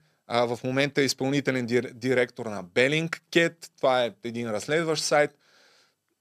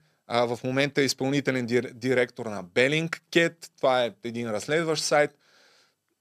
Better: neither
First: none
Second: none

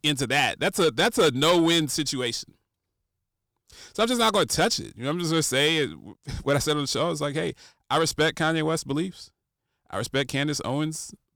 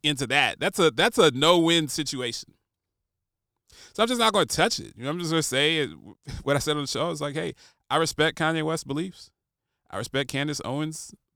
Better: second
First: distortion; slight; 10 dB below the speech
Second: none

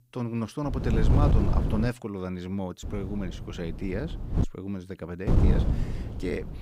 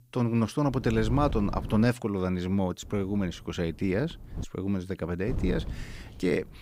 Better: second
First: wind noise on the microphone; heavy; from 0.5 to 2 s, from 3 to 4.5 s and from 5.5 s on; 2 dB below the speech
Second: wind noise on the microphone; occasional gusts; from 0.5 to 2 s, from 3 to 4.5 s and from 5.5 s on; 15 dB below the speech

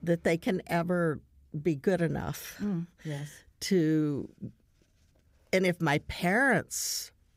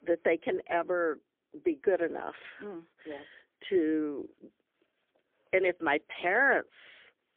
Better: first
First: none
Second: phone-call audio; poor line; nothing above 3.5 kHz

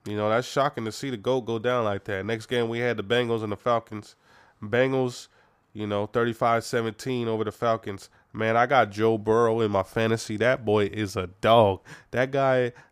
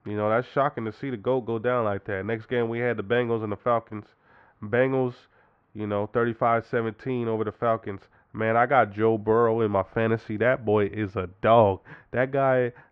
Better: first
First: none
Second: muffled; very; fading above 2.5 kHz

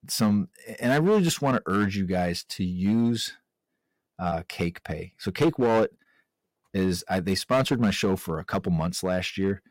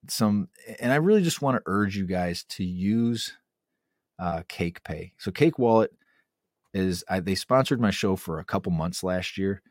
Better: second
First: distortion; slight; 4% of the sound clipped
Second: none

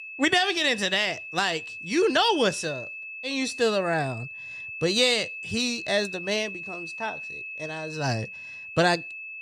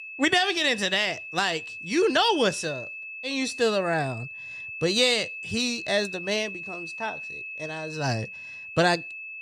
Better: neither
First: high-pitched whine; noticeable; throughout; 2.5 kHz, 10 dB below the speech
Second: high-pitched whine; noticeable; throughout; 2.5 kHz, 10 dB below the speech

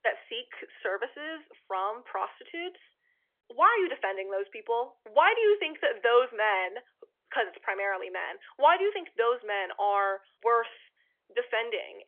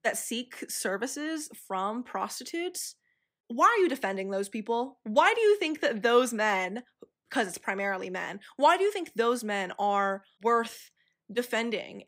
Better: second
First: phone-call audio; nothing above 3.5 kHz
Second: none

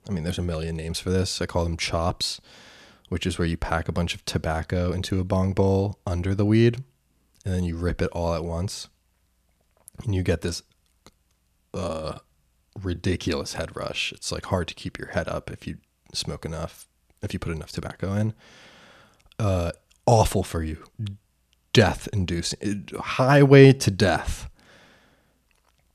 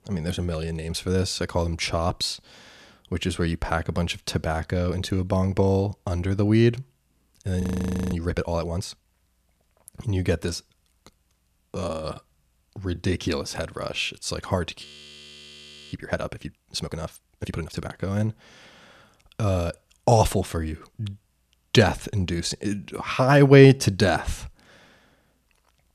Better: first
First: none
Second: audio freezing; at 7.5 s and at 15 s for 1 s

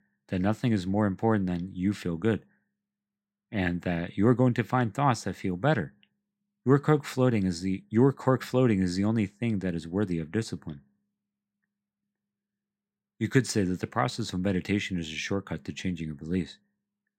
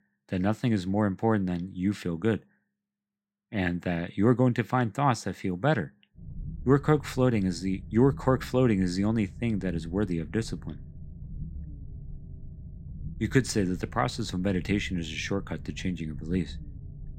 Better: first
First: none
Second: low rumble; faint; from 6 s on; 25 dB below the speech

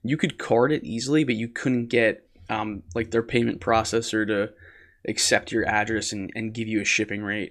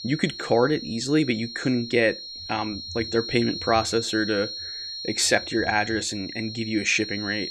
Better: first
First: none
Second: high-pitched whine; loud; throughout; 4 kHz, 8 dB below the speech

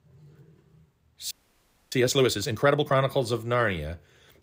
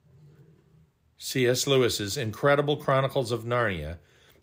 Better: second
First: audio freezing; at 1.5 s for 0.5 s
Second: none

